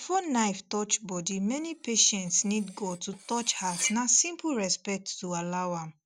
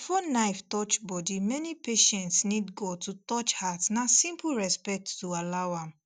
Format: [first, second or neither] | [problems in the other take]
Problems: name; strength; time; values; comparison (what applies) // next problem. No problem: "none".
second | background sound (Cutlery, silverware); 15 dB below the speech